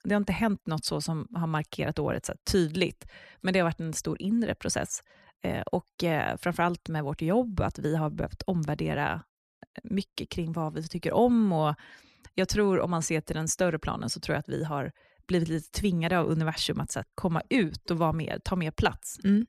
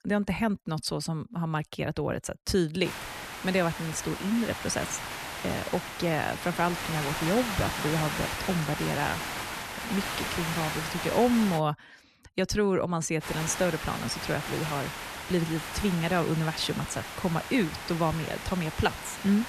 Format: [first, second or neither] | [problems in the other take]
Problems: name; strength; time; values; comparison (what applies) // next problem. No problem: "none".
first | hiss; loud; from 3 to 12 s and from 13 s on; 5 dB below the speech